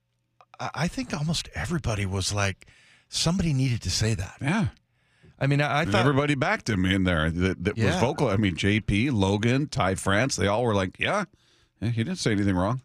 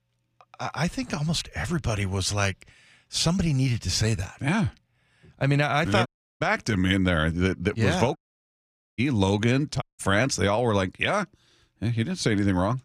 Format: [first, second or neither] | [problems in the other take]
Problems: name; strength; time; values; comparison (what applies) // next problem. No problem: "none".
first | audio cutting out; at 6 s, at 8 s for 1 s and at 10 s